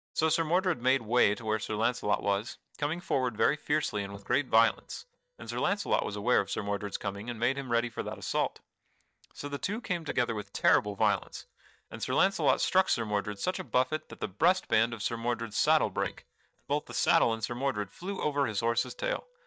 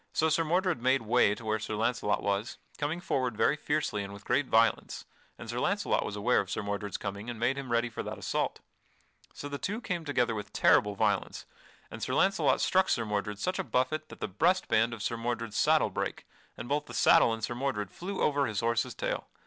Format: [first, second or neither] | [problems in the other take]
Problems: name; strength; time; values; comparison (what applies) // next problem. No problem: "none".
second | noise reduction (neural mask model DeepFilterNet 3)